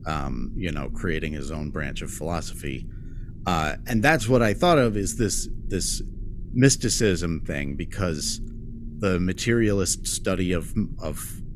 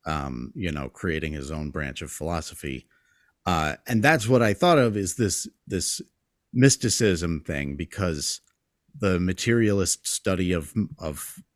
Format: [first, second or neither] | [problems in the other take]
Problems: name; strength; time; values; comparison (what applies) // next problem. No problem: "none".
second | low rumble; faint; throughout; 25 dB below the speech